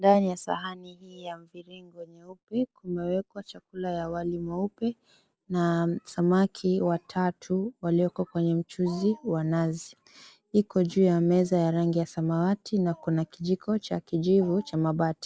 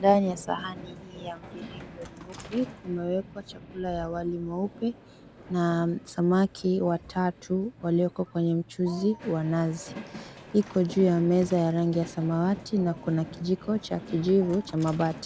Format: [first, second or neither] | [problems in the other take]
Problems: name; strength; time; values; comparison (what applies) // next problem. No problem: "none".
first | background sound (Train); 17 dB below the speech